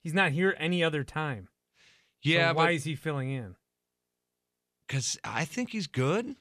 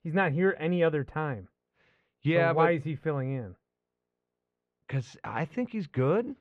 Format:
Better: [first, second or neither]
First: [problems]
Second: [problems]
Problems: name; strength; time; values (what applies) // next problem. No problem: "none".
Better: first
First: none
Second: muffled; very; fading above 3.5 kHz